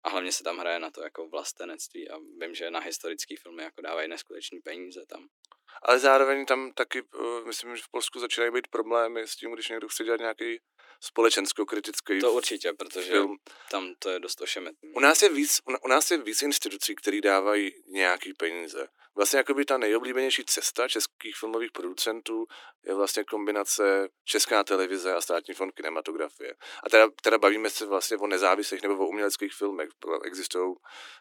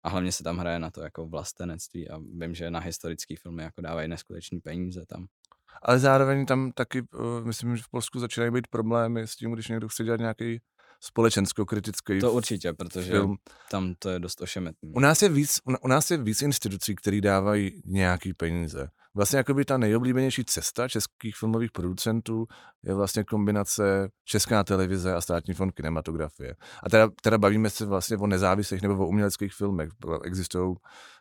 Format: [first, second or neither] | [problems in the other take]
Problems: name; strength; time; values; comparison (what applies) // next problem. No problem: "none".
second | thin; somewhat; fading below 300 Hz